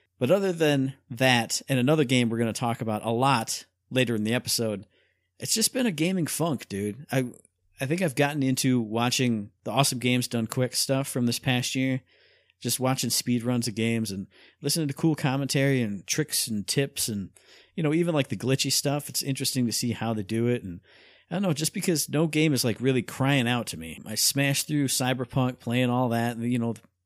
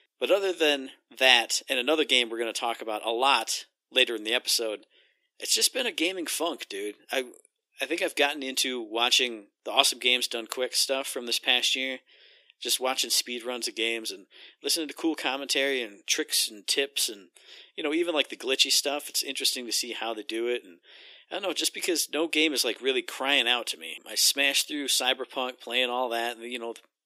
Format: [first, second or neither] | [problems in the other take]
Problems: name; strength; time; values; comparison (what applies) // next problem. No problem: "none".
first | thin; very; fading below 350 Hz